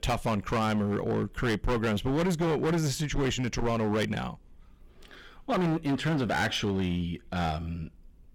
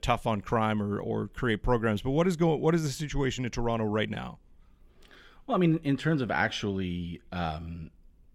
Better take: second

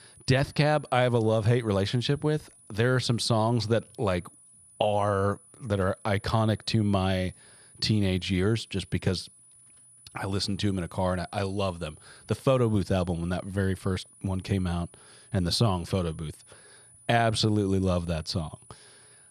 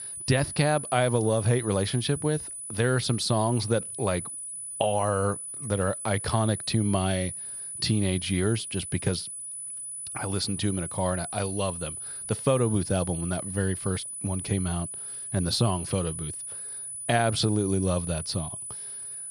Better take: first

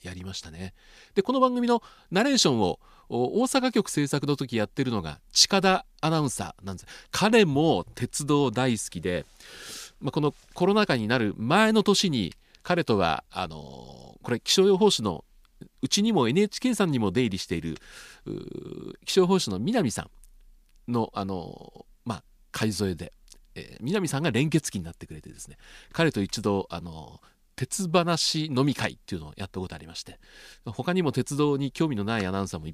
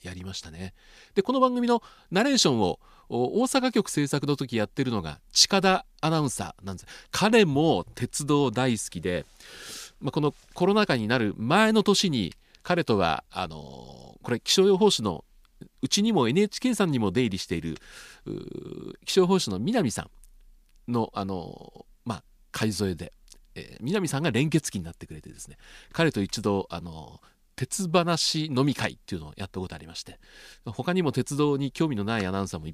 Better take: neither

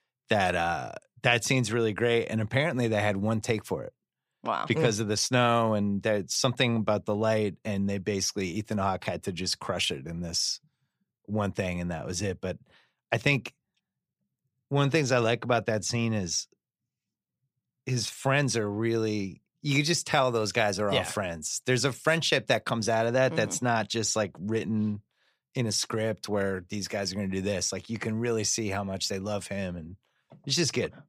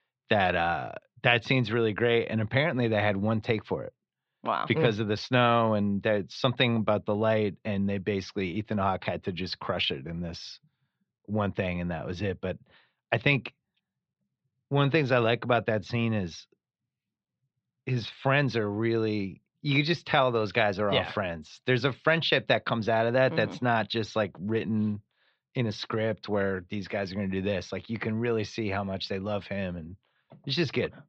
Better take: first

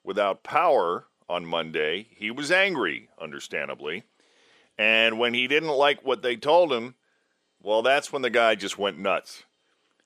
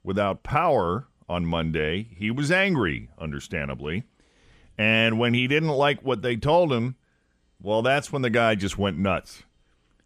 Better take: second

